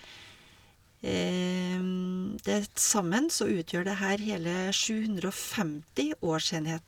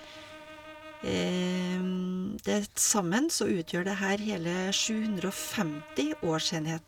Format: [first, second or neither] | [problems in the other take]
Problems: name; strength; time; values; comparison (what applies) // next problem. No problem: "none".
first | background sound (Brass instrument); 19 dB below the speech